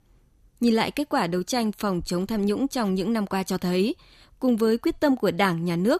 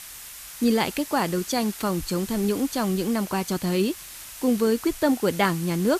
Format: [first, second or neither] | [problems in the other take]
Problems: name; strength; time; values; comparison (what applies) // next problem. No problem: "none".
first | hiss; noticeable; throughout; 15 dB below the speech